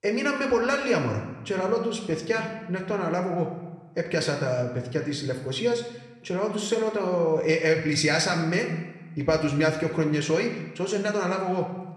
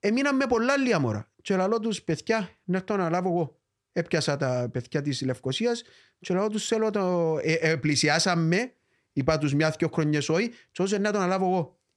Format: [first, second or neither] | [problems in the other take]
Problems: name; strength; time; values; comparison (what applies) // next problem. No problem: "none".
second | room echo; slight; dies away in 0.9 s